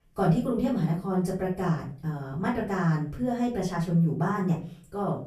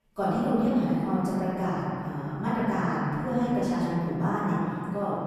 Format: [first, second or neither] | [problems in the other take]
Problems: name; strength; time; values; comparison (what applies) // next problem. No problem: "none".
first | room echo; strong; dies away in 2.8 s; slight in the first // off-mic speech; far; far in the first